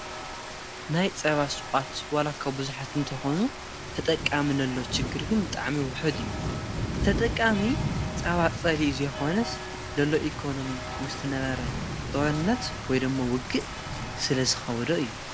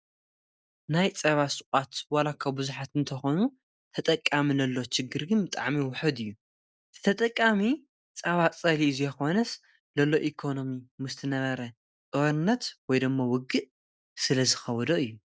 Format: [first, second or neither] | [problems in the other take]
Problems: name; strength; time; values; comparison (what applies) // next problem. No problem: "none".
second | background sound (Rain); 5 dB below the speech